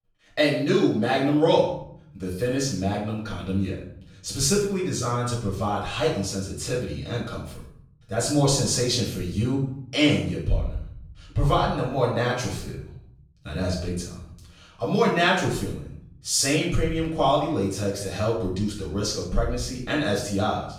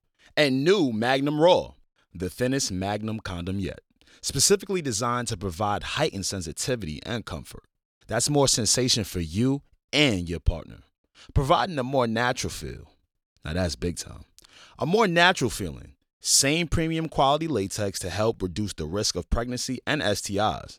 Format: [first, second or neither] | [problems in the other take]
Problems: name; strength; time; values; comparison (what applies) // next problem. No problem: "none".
second | off-mic speech; far // room echo; noticeable; dies away in 0.6 s